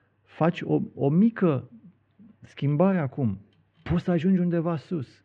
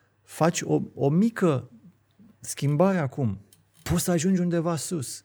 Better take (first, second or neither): second